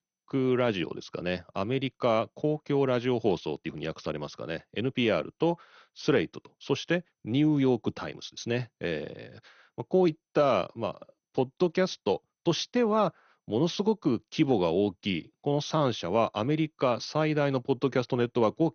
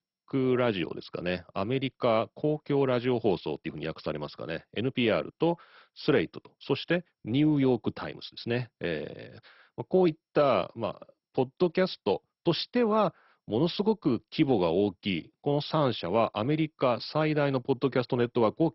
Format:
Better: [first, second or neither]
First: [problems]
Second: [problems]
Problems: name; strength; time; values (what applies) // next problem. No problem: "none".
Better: first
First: garbled, watery; slightly; nothing above 6.5 kHz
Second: garbled, watery; badly; nothing above 5.5 kHz